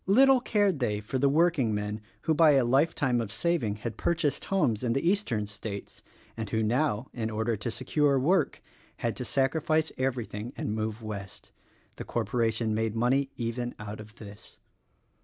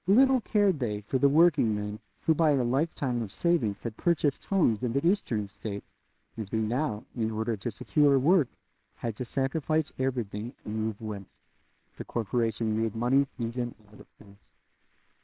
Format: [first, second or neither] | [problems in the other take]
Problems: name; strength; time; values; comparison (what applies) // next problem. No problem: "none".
first | noise reduction (neural separator model SepFormer WHAMR!)